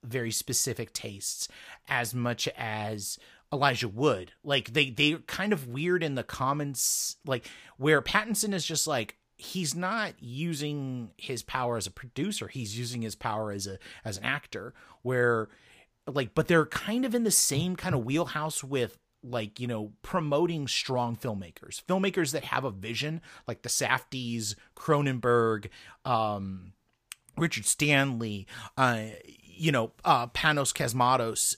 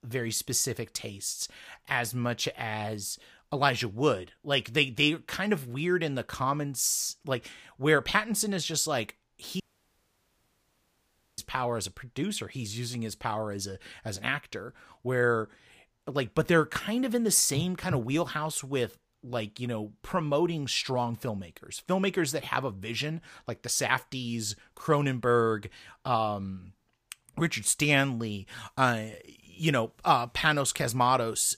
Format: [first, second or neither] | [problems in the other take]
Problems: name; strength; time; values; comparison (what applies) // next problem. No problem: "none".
first | audio cutting out; at 9.5 s for 2 s